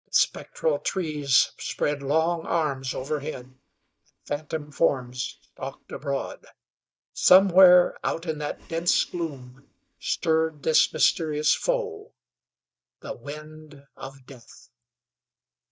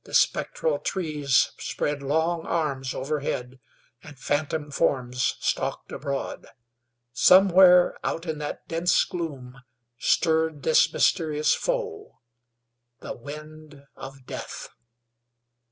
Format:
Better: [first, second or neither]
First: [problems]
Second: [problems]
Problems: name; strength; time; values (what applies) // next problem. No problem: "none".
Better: second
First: noise reduction (neural mask model DeepFilterNet 3)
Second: none